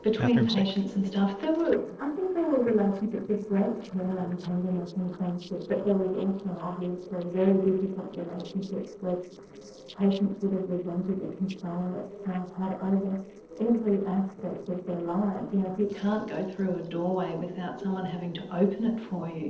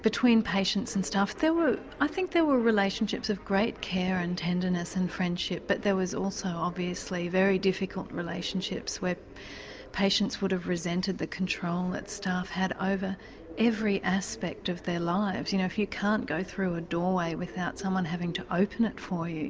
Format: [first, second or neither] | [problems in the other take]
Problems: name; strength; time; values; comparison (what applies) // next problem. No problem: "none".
second | noise reduction (neural separator model SepFormer DNS4)